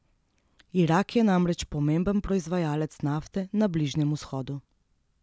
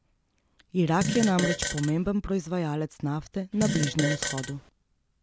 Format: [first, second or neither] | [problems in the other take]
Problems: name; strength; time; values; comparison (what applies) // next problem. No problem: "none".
first | background sound (Fart); 2 dB below the speech